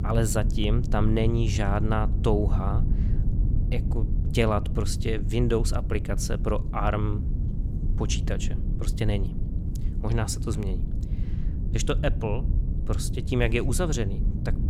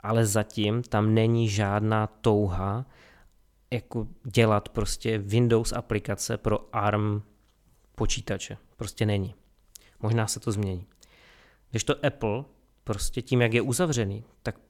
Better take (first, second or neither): second